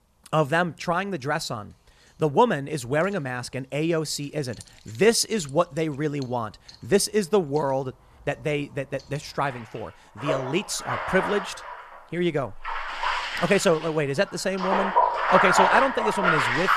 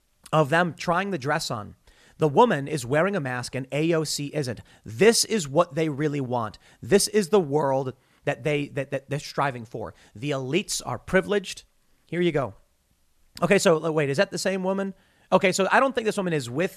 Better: second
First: household noises; very loud; throughout; as loud as the speech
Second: none

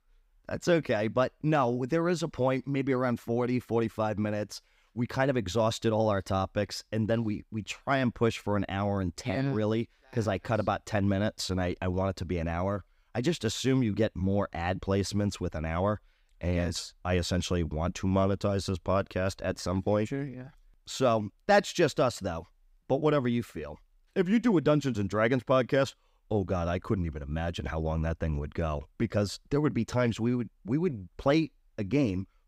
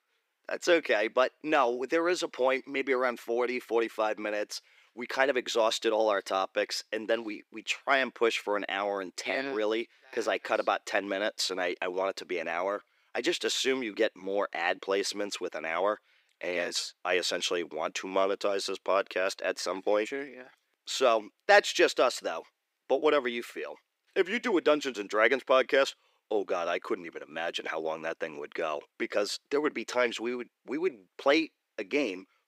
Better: first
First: none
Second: thin; somewhat; fading below 350 Hz

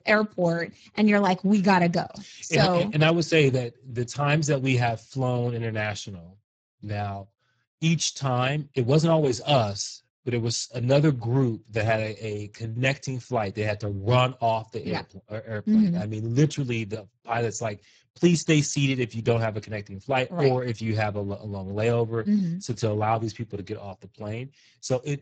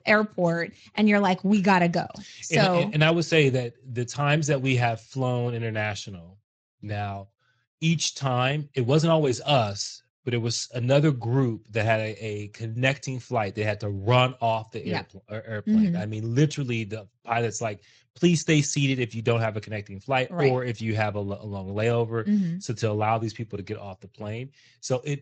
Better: second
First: garbled, watery; badly; nothing above 7.5 kHz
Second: garbled, watery; slightly; nothing above 7.5 kHz

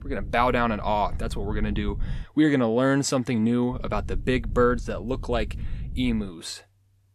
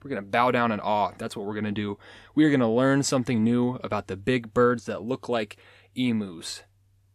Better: second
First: low rumble; faint; until 2 s and from 3.5 to 6.5 s; 25 dB below the speech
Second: none

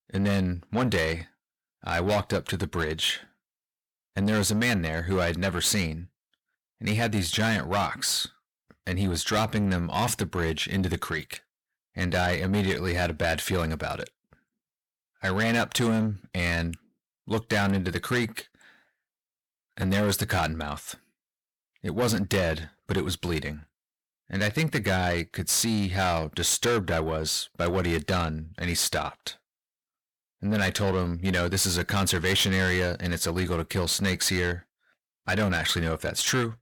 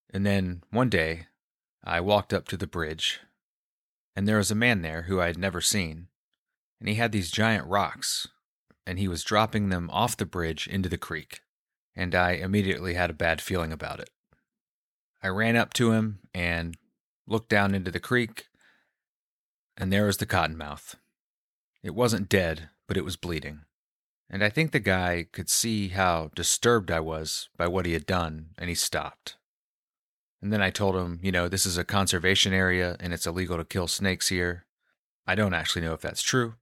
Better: second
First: distortion; heavy; 7 dB below the speech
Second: none

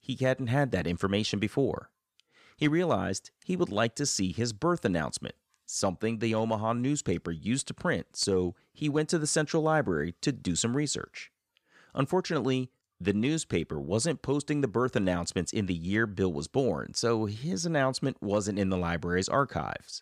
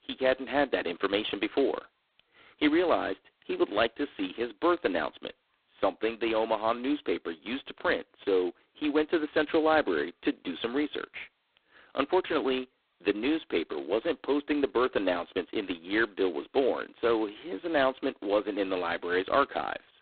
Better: first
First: none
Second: phone-call audio; poor line; nothing above 4 kHz

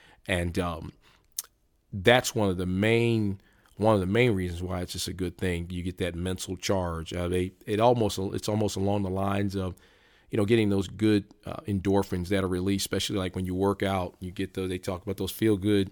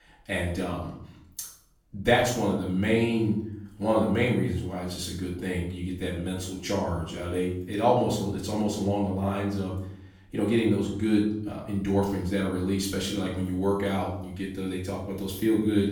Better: first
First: none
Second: off-mic speech; far // room echo; noticeable; dies away in 0.6 s

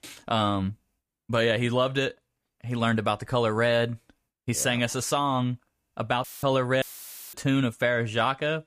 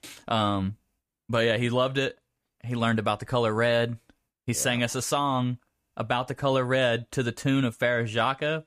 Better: second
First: audio cutting out; filled with static; at 6 s and at 7 s for 0.5 s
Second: none

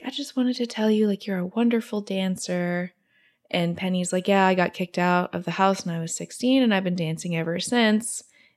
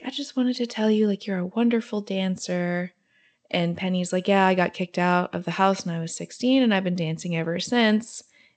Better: first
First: none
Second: garbled, watery; slightly; nothing above 8 kHz

